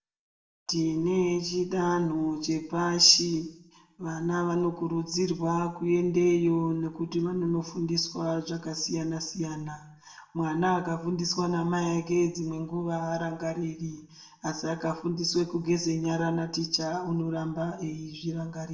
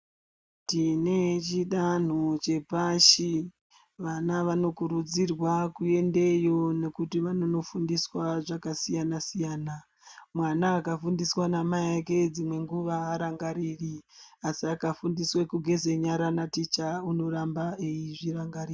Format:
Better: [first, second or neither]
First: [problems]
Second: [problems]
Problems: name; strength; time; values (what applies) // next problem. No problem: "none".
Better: second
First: room echo; dies away in 0.5 s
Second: none